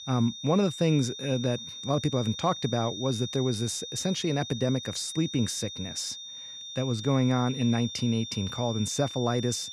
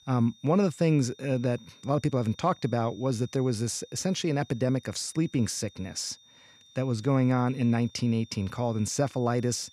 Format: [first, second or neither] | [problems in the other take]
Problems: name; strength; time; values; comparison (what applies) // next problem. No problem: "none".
second | high-pitched whine; loud; throughout; 3.5 kHz, 9 dB below the speech; faint in the second